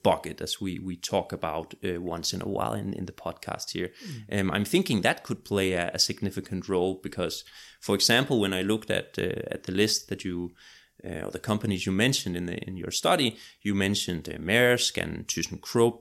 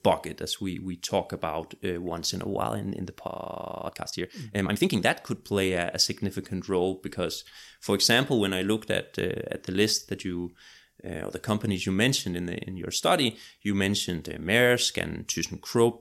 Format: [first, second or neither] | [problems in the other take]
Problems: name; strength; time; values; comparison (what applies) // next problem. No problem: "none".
first | audio freezing; at 3.5 s for 0.5 s